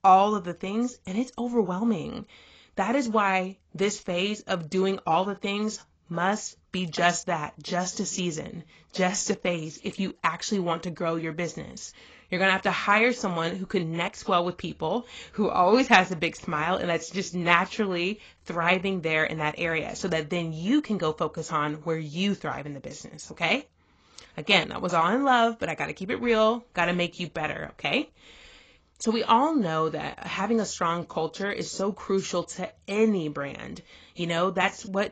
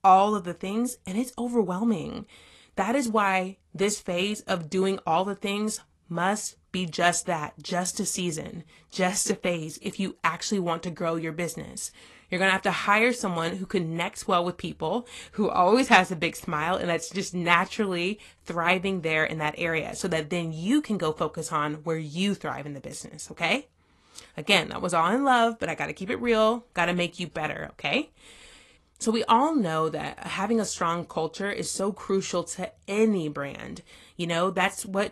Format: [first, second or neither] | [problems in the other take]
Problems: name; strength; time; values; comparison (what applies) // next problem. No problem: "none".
second | garbled, watery; badly; nothing above 7.5 kHz; slightly in the second